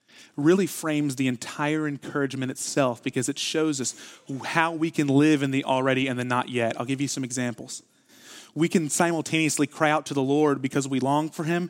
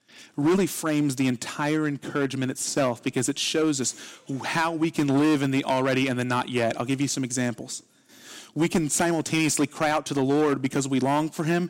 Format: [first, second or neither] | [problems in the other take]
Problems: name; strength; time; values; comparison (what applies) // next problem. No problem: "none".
first | distortion; slight; 6% of the sound clipped